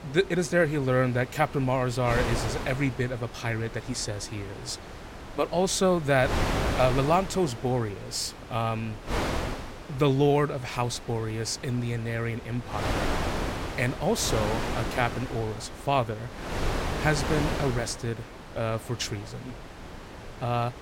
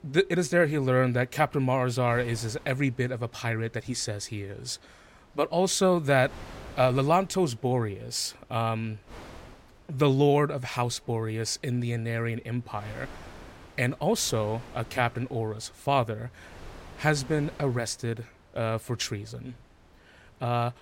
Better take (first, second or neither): second